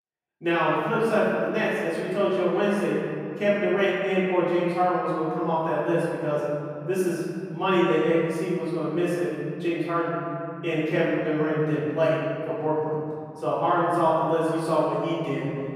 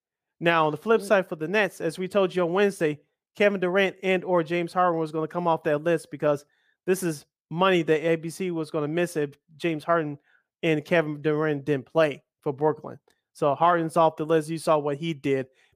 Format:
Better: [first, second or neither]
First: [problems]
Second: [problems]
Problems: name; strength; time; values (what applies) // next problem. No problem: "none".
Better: second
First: off-mic speech; far // room echo; strong; dies away in 2.7 s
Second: none